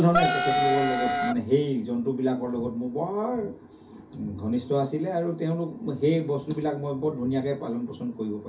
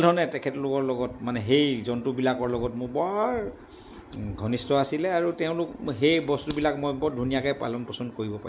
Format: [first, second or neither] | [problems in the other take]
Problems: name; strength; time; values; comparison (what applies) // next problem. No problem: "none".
second | background sound (Wind instrument, woodwind instrument); 3 dB above the speech // room echo; dies away in 0.3 s